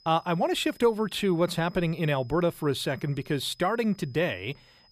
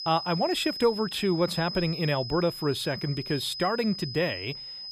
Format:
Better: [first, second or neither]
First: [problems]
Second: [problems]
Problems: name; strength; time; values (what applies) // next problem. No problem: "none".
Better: first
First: high-pitched whine; faint; throughout; 5 kHz, 30 dB below the speech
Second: high-pitched whine; loud; throughout; 5 kHz, 8 dB below the speech